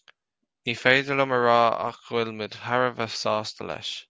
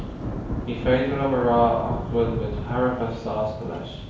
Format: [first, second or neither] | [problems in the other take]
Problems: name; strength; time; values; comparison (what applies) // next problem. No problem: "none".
first | background sound (Thunder / Rain); 6 dB below the speech // room echo; dies away in 0.9 s